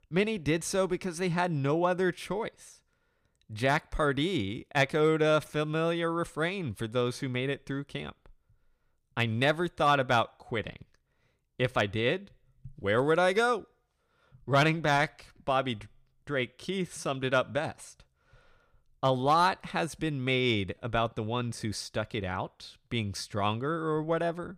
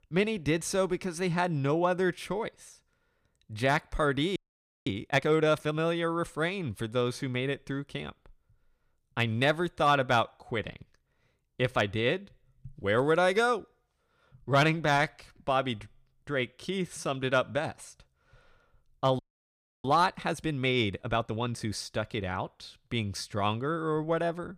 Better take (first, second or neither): first